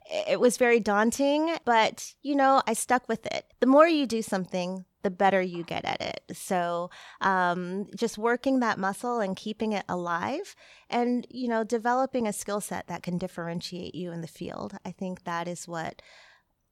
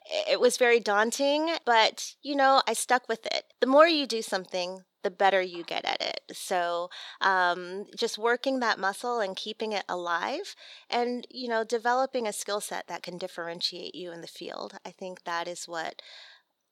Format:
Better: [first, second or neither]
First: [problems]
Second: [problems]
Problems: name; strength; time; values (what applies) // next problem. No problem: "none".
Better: first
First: none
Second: thin; very slightly; fading below 400 Hz